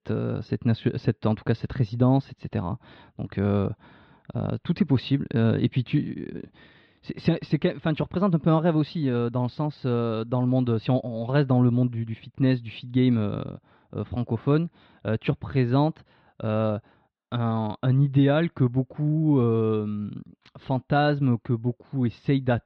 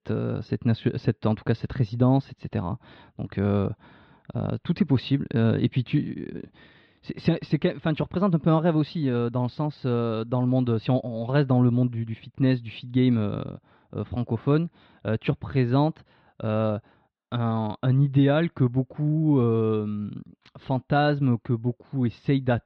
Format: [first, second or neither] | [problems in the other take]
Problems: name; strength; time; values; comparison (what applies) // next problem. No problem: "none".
neither | muffled; slightly; fading above 4 kHz; the same in both